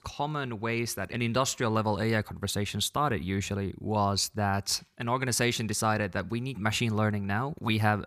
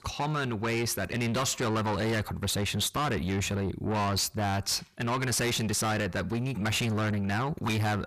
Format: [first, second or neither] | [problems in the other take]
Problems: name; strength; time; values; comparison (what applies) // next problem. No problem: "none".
first | distortion; heavy; 6 dB below the speech